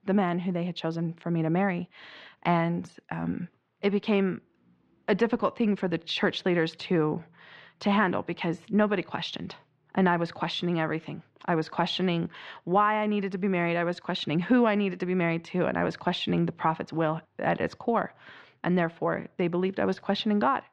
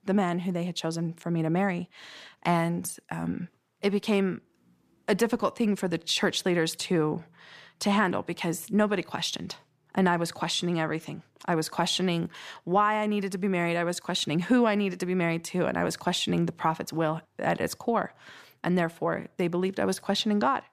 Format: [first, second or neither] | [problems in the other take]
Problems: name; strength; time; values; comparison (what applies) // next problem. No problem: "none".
second | muffled; slightly; fading above 3.5 kHz